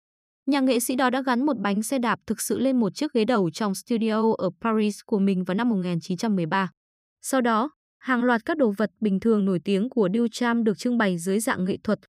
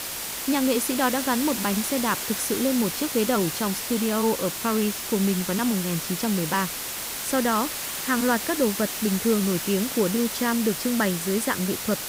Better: first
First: none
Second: hiss; loud; throughout; 3 dB below the speech

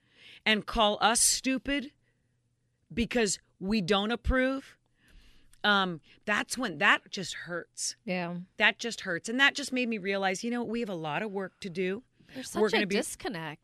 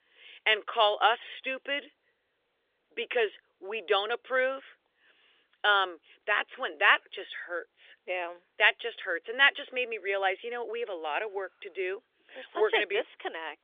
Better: first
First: none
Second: phone-call audio; nothing above 3 kHz

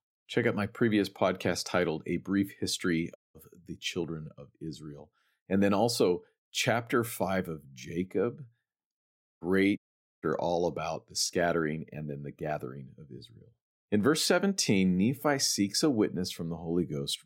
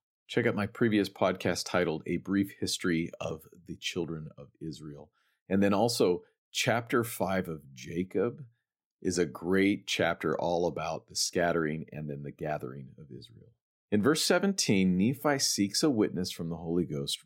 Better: second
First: audio cutting out; at 3 s, at 9 s and at 10 s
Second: none

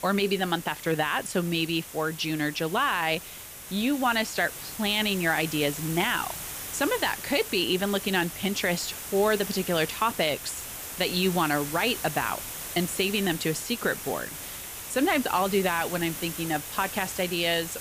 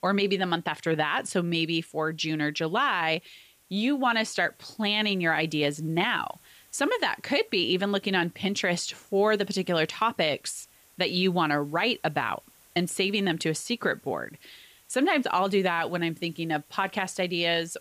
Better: second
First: hiss; loud; throughout; 9 dB below the speech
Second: hiss; faint; throughout; 30 dB below the speech

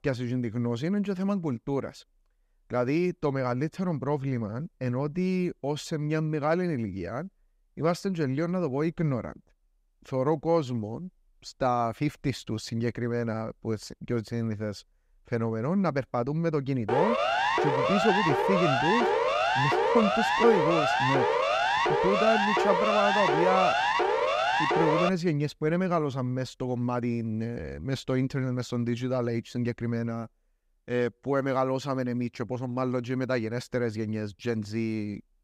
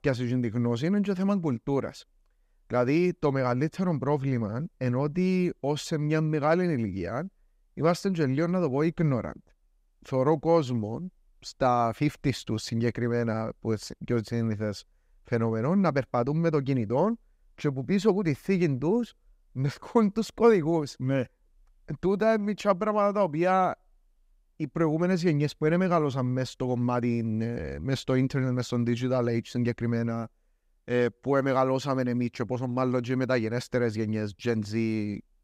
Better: second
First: siren; loud; from 17 to 25 s; peak 5 dB above the speech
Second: none

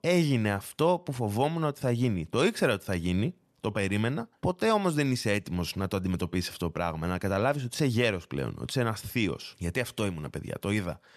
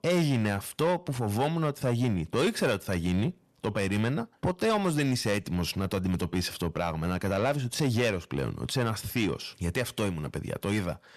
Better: first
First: none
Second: distortion; slight; 10 dB below the speech

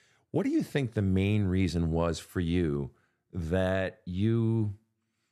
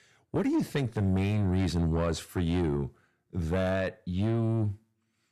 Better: first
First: none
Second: distortion; slight; 9 dB below the speech

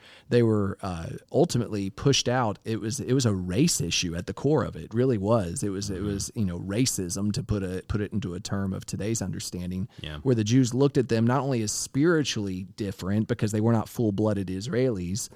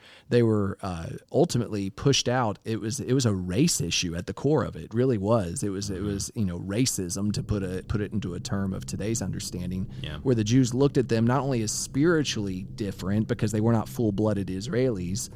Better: first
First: none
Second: low rumble; faint; from 7.5 s on; 25 dB below the speech

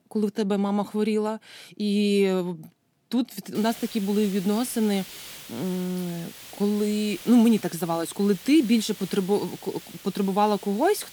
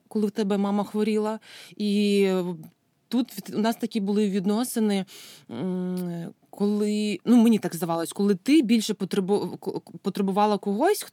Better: second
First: hiss; noticeable; from 3.5 s on; 15 dB below the speech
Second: none

